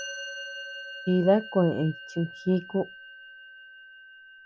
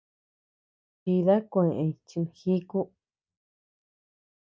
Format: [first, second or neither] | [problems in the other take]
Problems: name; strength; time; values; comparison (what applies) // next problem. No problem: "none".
second | background sound (Musical instrument); 13 dB below the speech